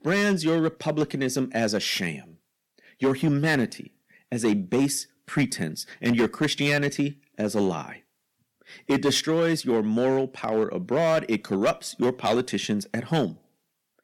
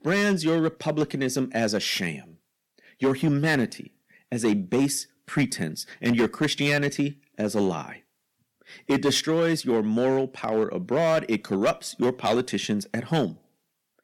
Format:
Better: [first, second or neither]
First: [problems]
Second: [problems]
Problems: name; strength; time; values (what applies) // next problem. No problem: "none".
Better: neither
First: distortion; slight; 5% of the sound clipped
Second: distortion; slight; 5% of the sound clipped